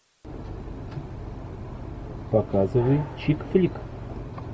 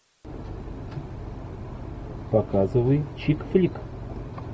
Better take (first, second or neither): second